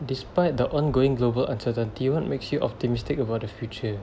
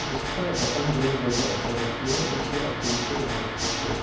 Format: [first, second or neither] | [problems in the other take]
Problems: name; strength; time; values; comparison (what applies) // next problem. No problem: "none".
first | background sound (Water / Mechanisms); as loud as the speech // room echo; dies away in 0.9 s